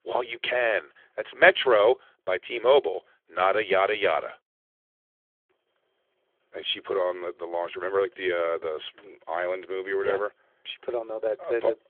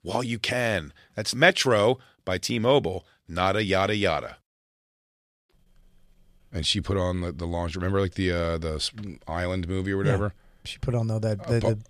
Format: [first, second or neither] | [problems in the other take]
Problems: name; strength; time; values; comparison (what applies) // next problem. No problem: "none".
second | phone-call audio; nothing above 3.5 kHz